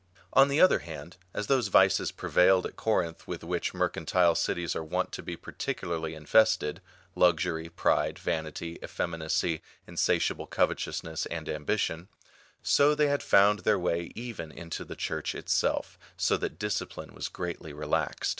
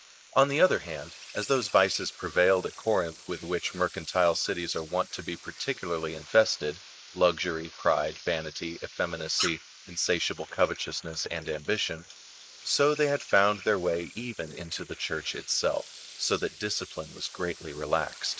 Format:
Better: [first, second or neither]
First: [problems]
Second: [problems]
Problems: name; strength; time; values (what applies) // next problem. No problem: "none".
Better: first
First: none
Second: noise reduction (neural mask model Resemble Enhance denoiser)